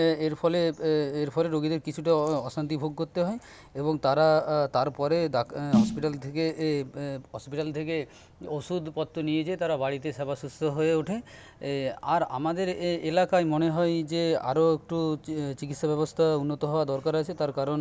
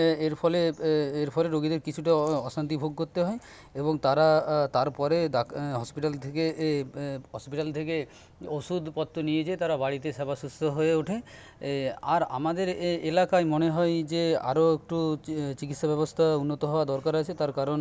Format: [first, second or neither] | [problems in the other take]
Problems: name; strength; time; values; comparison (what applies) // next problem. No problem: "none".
second | background sound (Snare drum); 3 dB below the speech